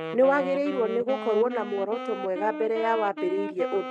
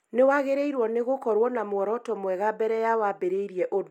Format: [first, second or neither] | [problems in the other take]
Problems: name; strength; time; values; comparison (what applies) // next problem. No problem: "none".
second | noise reduction (neural mask model RNNoise)